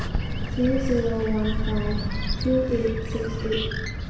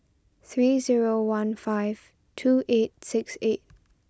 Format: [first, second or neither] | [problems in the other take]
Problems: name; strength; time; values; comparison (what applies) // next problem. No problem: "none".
second | background sound (Bird); as loud as the speech // room echo; dies away in 1 s